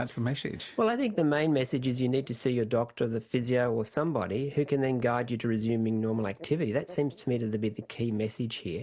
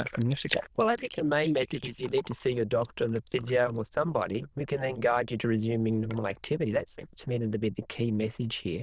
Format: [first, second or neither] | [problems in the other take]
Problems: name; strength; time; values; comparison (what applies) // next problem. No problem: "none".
first | noise reduction (neural diffusion model UNIVERSE++)